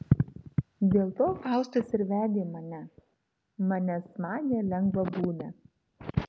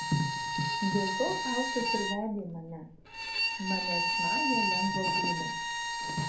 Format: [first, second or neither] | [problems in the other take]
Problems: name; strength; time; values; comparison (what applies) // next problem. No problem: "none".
first | background sound (Bowed string instrument); 2 dB above the speech // room echo; dies away in 0.4 s